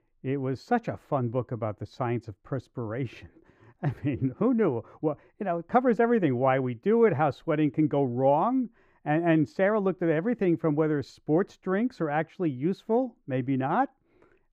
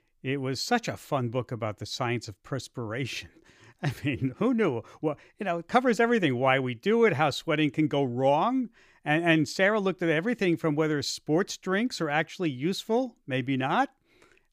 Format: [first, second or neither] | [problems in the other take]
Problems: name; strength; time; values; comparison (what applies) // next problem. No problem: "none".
second | muffled; very; fading above 2.5 kHz